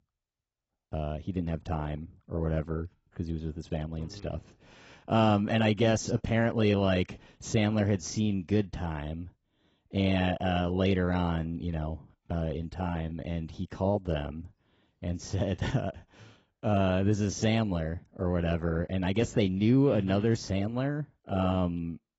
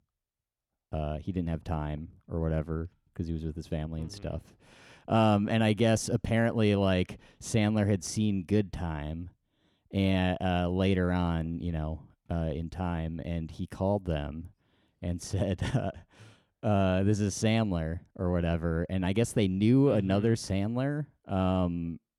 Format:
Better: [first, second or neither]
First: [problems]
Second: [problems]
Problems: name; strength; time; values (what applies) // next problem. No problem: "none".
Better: second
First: garbled, watery; badly; nothing above 7.5 kHz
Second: none